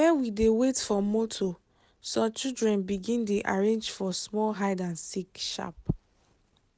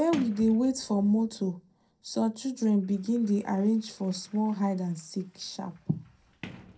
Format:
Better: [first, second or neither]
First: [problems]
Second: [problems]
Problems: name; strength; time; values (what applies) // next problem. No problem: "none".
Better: first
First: none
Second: background sound (Sliding door); 19 dB below the speech // room echo; dies away in 0.2 s